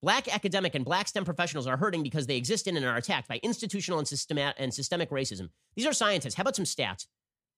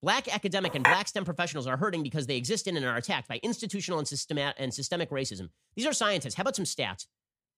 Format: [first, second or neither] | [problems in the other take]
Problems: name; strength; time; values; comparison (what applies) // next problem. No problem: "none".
first | clattering dishes; loud; at 0.5 s; peak 6 dB above the speech